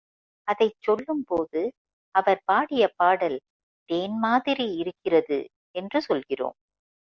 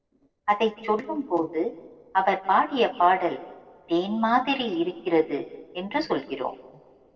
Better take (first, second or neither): first